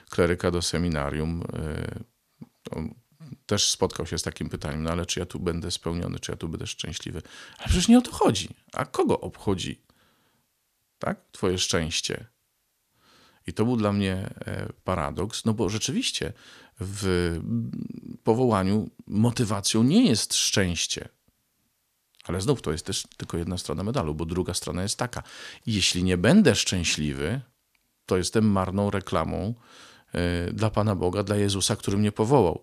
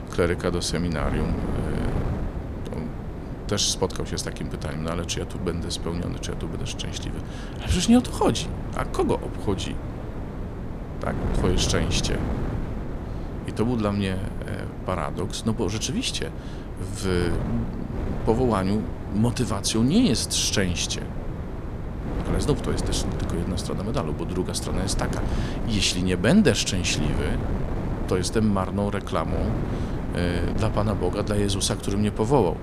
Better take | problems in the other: first | wind noise on the microphone; heavy; 9 dB below the speech

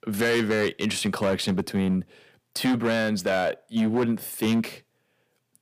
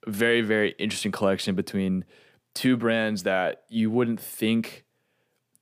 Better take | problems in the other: second | distortion; slight; 9% of the sound clipped

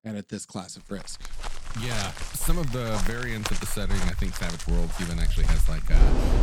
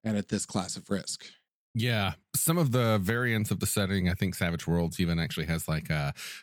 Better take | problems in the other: second | animal sounds; very loud; from 1.5 s on; 3 dB above the speech

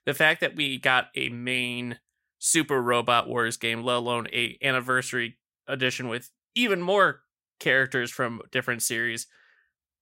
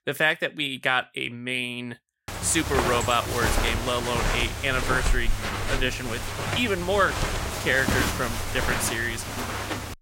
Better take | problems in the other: first | footsteps; loud; from 2.5 s on; peak 1 dB above the speech

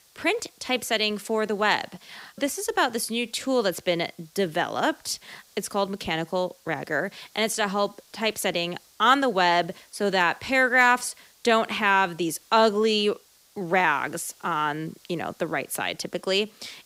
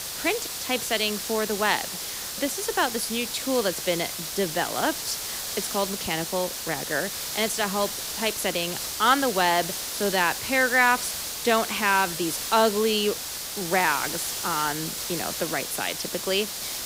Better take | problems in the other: first | hiss; loud; throughout; 4 dB below the speech; faint in the first

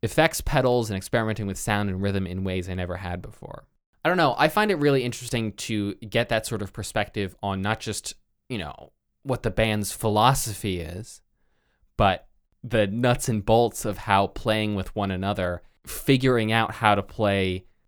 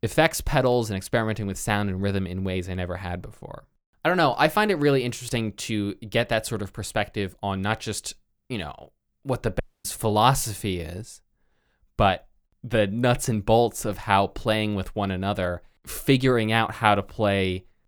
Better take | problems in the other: first | audio cutting out; at 9.5 s

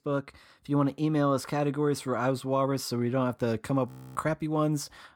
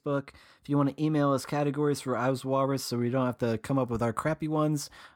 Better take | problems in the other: second | audio freezing; at 4 s

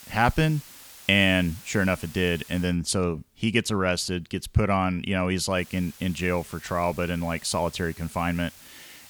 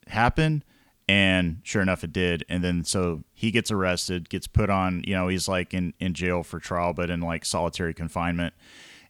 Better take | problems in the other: second | hiss; noticeable; until 2.5 s and from 5.5 s on; 20 dB below the speech

